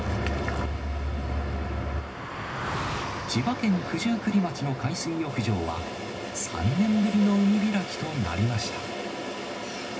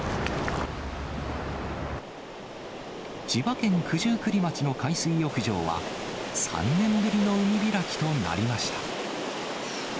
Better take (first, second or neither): second